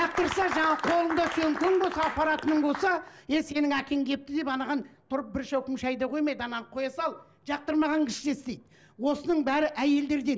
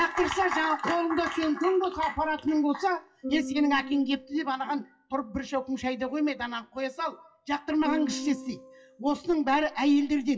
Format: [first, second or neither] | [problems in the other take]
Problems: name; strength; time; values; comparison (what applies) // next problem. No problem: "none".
first | noise reduction (classical method WPE with log-MMSE)